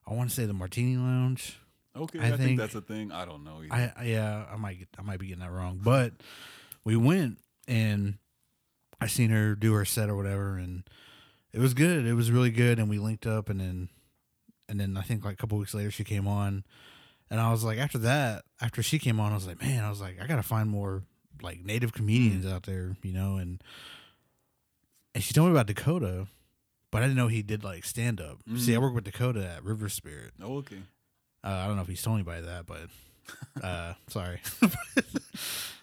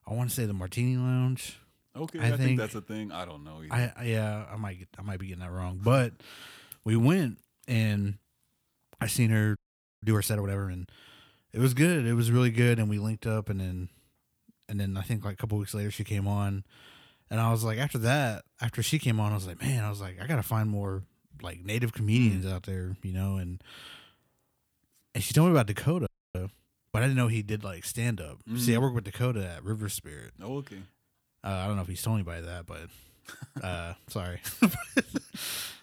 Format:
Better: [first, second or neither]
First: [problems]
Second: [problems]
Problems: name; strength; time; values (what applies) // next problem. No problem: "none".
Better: first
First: none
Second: audio freezing; at 9.5 s and at 26 s